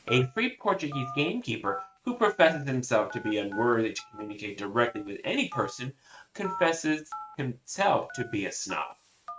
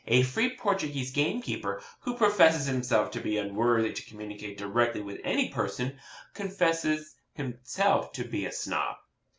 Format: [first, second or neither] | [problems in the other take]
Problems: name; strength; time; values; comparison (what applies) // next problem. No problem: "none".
second | noise reduction (neural mask model RNNoise)